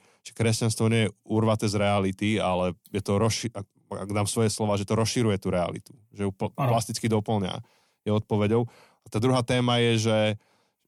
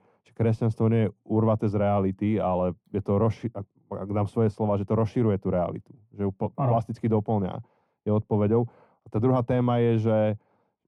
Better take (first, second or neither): first